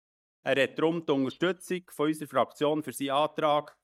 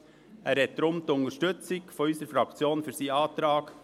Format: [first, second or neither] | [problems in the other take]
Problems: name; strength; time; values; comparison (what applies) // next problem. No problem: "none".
second | noise reduction (neural mask model DeepFilterNet 3)